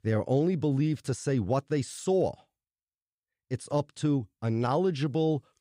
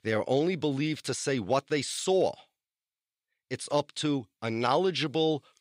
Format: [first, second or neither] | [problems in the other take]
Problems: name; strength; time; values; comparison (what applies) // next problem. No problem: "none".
first | thin; very slightly; fading below 950 Hz